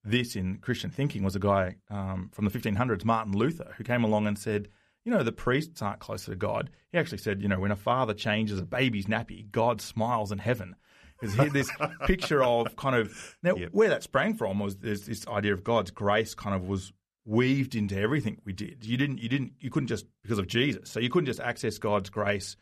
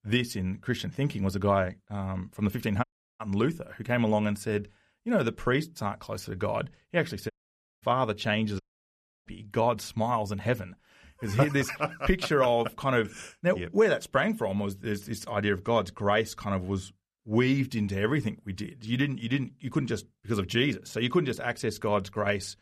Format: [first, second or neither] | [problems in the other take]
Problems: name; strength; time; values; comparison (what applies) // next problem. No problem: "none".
first | audio cutting out; at 3 s, at 7.5 s for 0.5 s and at 8.5 s for 0.5 s